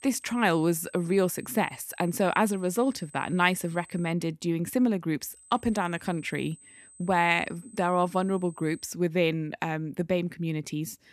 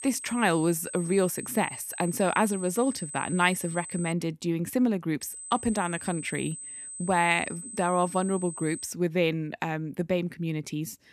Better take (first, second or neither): first